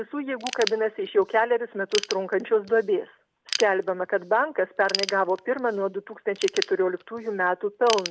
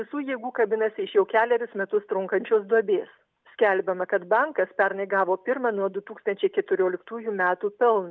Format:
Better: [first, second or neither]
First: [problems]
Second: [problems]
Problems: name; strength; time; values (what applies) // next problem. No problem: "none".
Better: second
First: background sound (Ratchet, pawl / Tools); 12 dB below the speech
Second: none